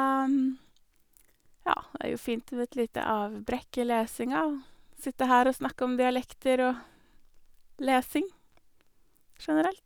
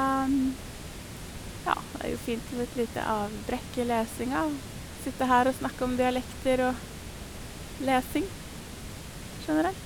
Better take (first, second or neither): first